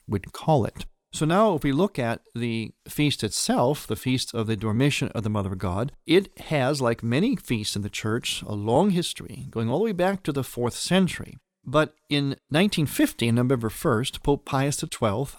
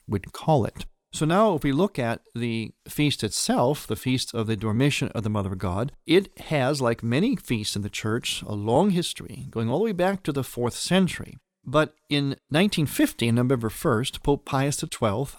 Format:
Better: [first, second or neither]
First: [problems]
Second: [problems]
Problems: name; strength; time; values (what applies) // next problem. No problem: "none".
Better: neither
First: none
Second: none